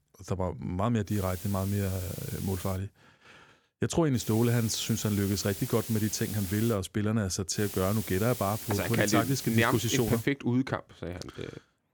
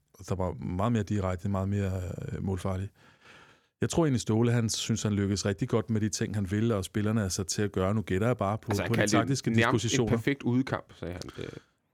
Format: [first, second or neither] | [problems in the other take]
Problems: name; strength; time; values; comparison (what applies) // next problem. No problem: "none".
second | hiss; loud; from 1 to 3 s, from 4 to 6.5 s and from 7.5 to 10 s; 10 dB below the speech